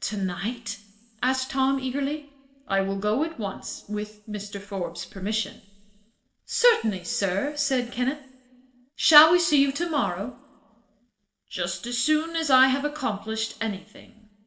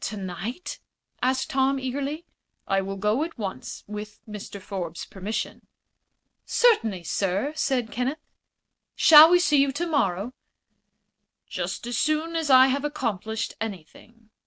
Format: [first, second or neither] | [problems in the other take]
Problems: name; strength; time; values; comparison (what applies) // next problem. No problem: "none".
second | room echo; dies away in 1.3 s